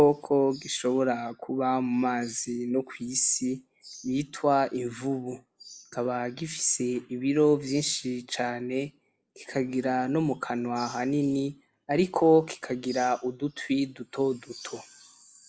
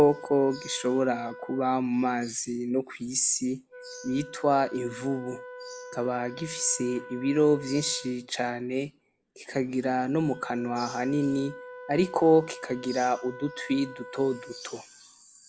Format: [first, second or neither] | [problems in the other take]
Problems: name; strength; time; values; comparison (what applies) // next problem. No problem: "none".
first | background sound (Wind instrument, woodwind instrument); 17 dB below the speech